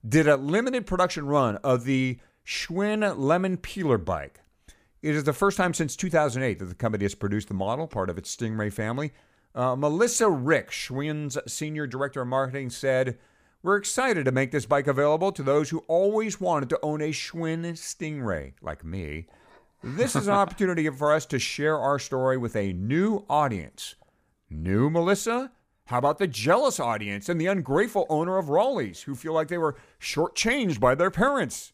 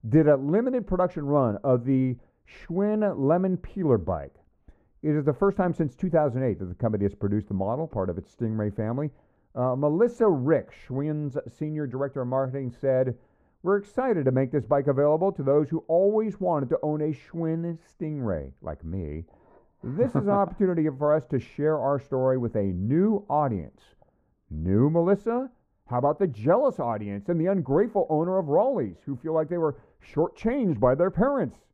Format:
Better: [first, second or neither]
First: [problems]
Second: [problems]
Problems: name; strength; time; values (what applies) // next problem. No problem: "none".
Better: first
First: none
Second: muffled; very; fading above 2 kHz